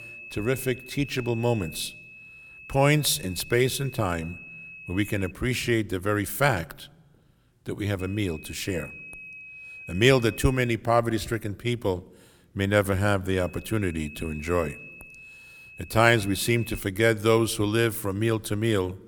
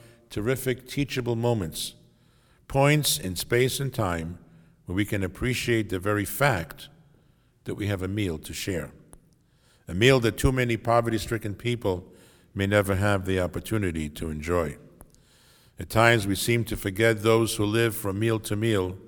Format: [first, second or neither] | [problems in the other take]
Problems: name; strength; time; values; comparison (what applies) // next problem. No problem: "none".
second | high-pitched whine; noticeable; until 5.5 s, from 8 to 11 s and from 13 to 17 s; 2.5 kHz, 15 dB below the speech